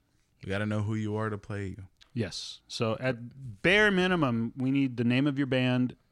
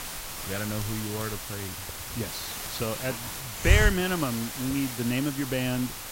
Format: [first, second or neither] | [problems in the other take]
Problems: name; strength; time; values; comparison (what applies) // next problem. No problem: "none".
first | hiss; loud; throughout; 2 dB below the speech